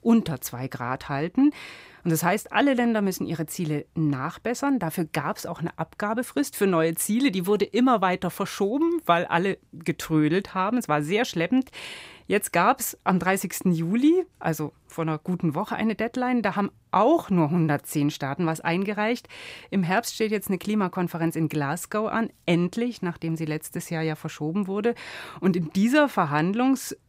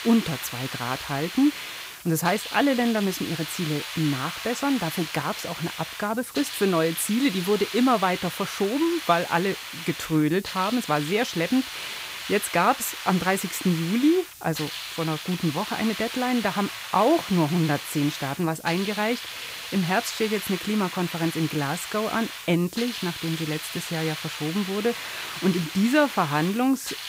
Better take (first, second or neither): first